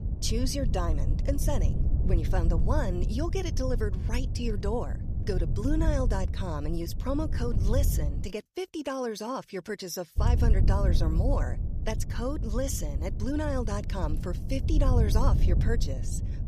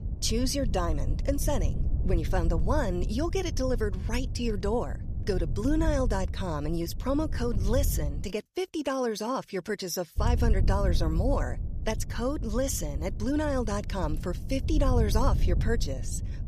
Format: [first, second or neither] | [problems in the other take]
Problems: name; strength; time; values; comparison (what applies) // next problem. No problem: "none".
second | wind noise on the microphone; heavy; until 8.5 s and from 10 s on; 10 dB below the speech; occasional gusts in the second